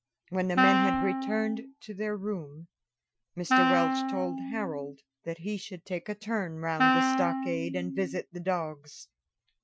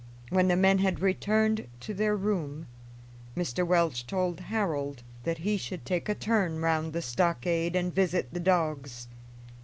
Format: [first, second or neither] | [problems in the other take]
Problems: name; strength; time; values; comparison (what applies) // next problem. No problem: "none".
second | noise reduction (classical method Wiener filter)